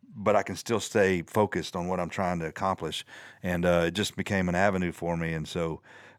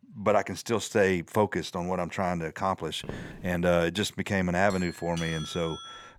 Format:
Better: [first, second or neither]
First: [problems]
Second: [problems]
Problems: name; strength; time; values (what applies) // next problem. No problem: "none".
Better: first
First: none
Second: footsteps; faint; at 3 s; peak 10 dB below the speech // doorbell; noticeable; from 4.5 s on; peak 10 dB below the speech